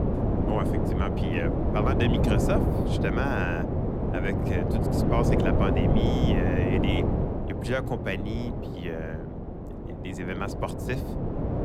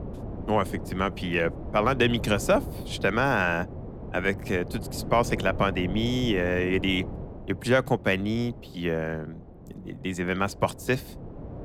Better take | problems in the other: second | wind noise on the microphone; heavy; 1 dB above the speech; occasional gusts in the second

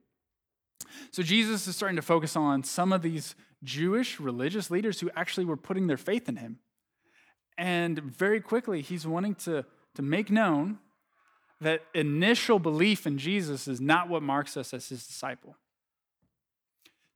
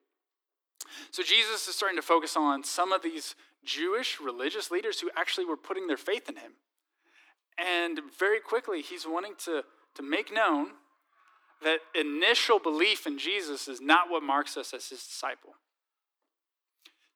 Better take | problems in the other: first | thin; somewhat; fading below 300 Hz

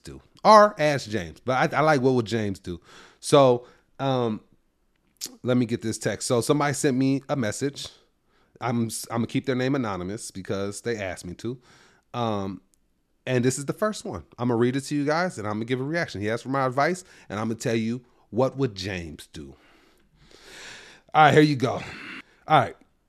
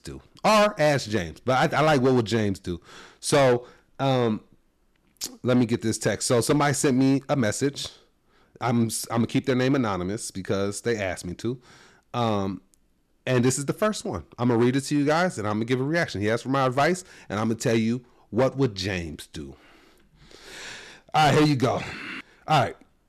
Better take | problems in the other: first | distortion; heavy; 5% of the sound clipped

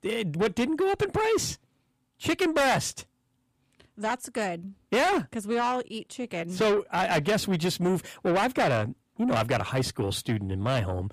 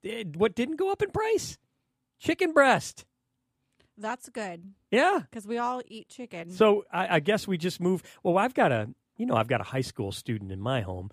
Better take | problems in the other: second | distortion; heavy; 6 dB below the speech

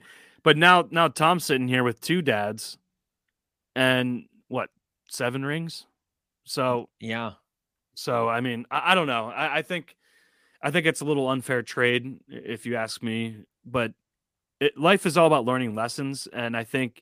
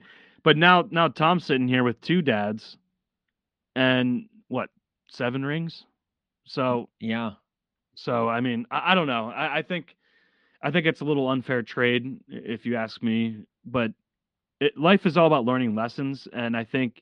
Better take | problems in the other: first | muffled; very slightly; fading above 4 kHz

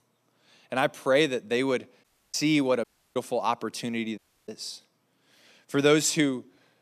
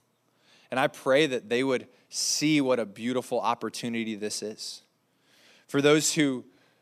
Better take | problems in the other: second | audio cutting out; at 2 s, at 3 s and at 4 s

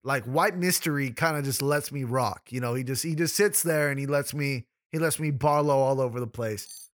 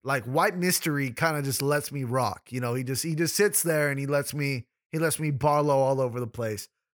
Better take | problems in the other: second | clattering dishes; faint; at 6.5 s; peak 20 dB below the speech

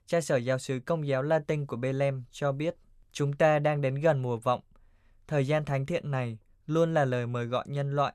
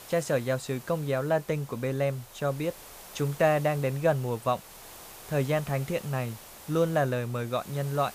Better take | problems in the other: first | hiss; noticeable; throughout; 15 dB below the speech

